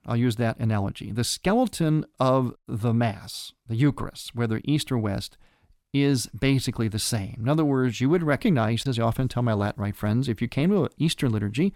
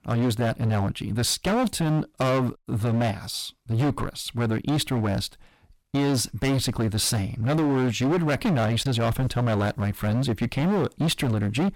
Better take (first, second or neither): first